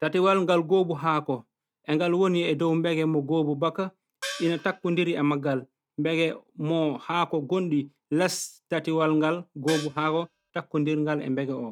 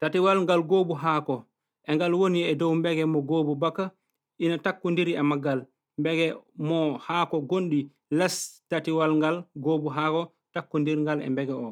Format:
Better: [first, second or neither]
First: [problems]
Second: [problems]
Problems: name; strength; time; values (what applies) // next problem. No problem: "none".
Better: second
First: noise reduction (neural mask model RNNoise)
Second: none